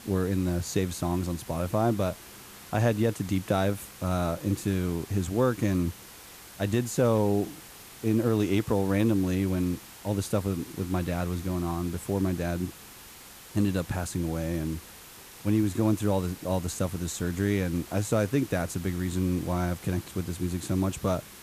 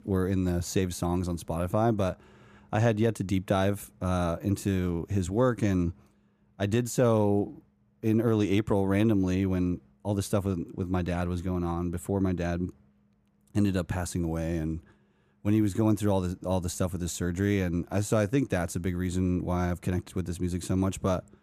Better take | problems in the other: second | hiss; noticeable; throughout; 15 dB below the speech

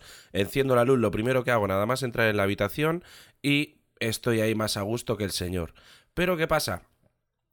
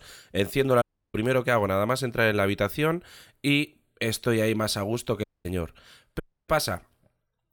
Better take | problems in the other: first | audio cutting out; at 1 s, at 5 s and at 6 s

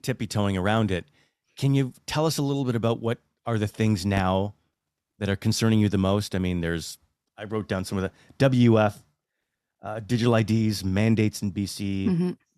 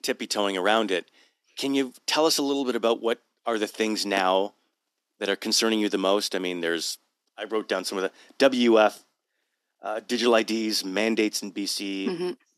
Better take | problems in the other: first | thin; somewhat; fading below 250 Hz

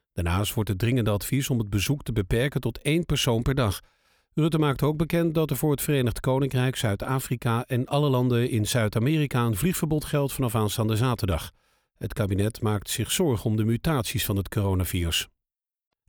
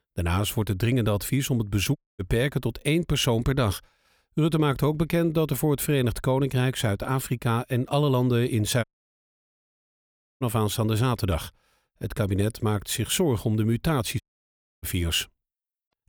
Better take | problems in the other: first | audio cutting out; at 2 s, at 9 s for 1.5 s and at 14 s for 0.5 s

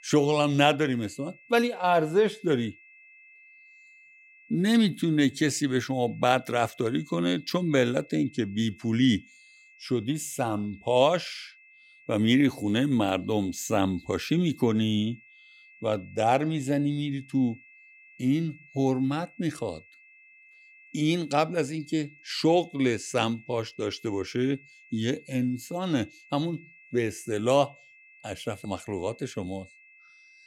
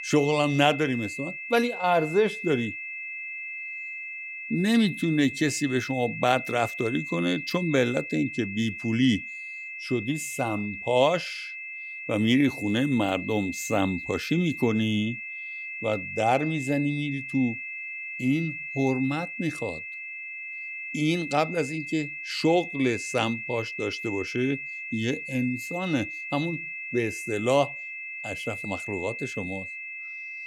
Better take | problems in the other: first | high-pitched whine; loud; throughout; 2.5 kHz, 7 dB below the speech; faint in the first

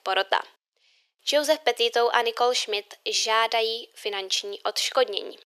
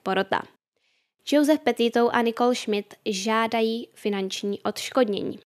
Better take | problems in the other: second | thin; very; fading below 450 Hz

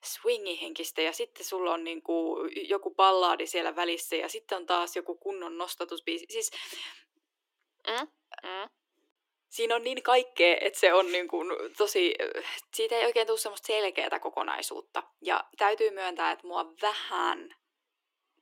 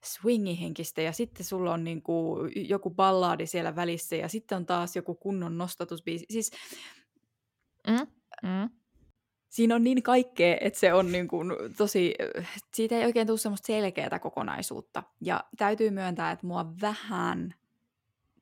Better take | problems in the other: second | thin; very; fading below 300 Hz

